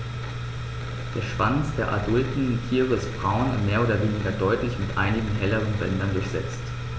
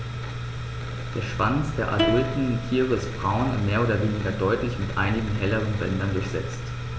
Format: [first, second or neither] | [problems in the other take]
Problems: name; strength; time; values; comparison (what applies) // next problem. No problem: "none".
first | background sound (Plucked string instrument); 8 dB below the speech